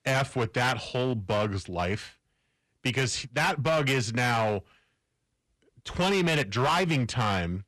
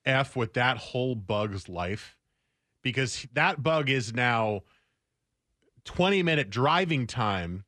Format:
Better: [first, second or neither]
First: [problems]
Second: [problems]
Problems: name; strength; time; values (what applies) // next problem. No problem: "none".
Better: second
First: distortion; heavy; 11% of the sound clipped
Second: none